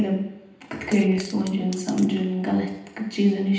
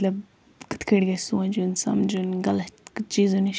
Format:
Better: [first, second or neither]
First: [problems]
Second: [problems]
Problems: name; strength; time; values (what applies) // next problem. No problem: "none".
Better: second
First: background sound (Fart); 18 dB below the speech // room echo; dies away in 0.9 s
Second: none